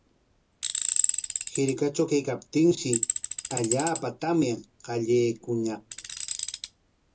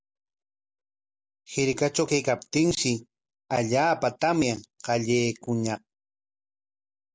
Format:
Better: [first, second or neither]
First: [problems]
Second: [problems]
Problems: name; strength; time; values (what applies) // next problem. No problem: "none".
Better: second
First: background sound (Tools); 4 dB below the speech // room echo; dies away in 0.2 s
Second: none